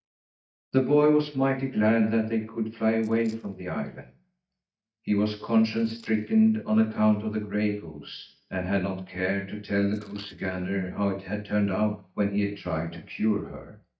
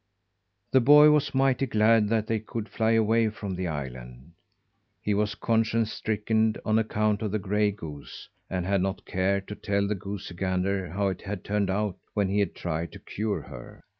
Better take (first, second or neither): second